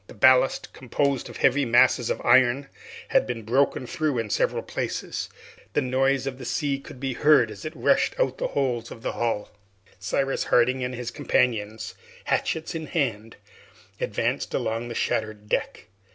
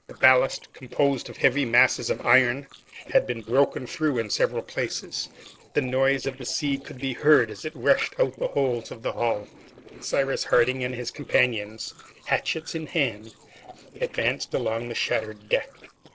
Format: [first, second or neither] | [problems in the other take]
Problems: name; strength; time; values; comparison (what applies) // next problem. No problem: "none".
first | noise reduction (neural separator model SepFormer DNS4)